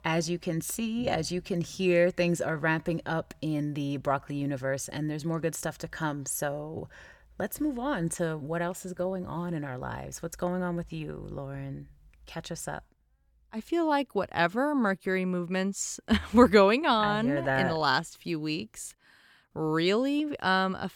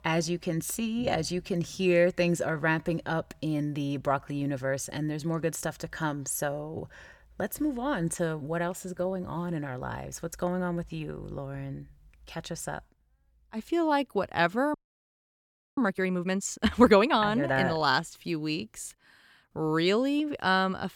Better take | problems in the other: first | audio freezing; at 15 s for 1 s

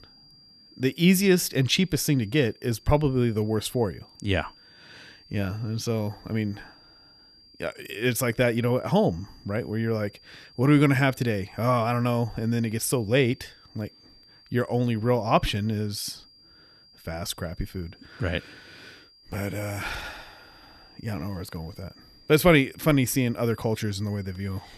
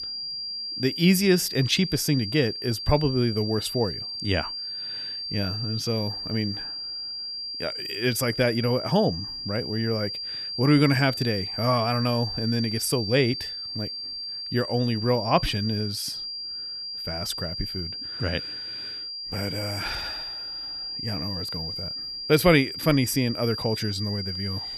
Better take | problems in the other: first | high-pitched whine; loud; throughout; 4.5 kHz, 5 dB below the speech; faint in the first

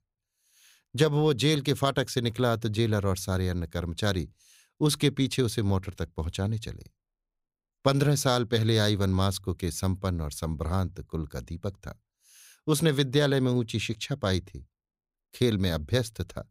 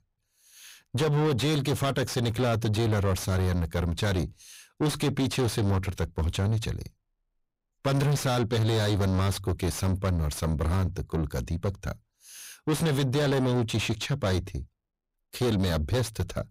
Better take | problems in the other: first | distortion; heavy; 6 dB below the speech

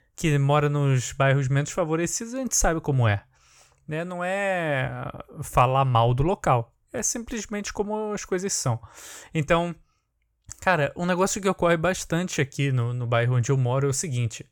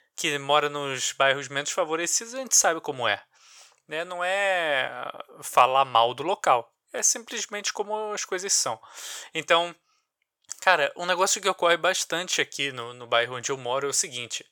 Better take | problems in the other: first | thin; very; fading below 550 Hz

